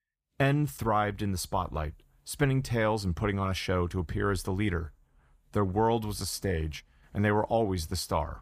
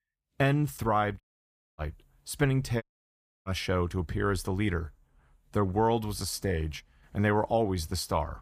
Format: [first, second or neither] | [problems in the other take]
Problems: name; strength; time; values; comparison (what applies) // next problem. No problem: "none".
first | audio cutting out; at 1 s for 0.5 s and at 3 s for 0.5 s